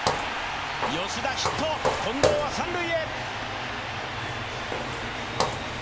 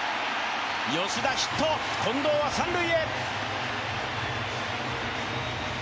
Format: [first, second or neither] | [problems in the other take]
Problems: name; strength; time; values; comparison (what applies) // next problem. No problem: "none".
second | background sound (Walk, footsteps); 3 dB below the speech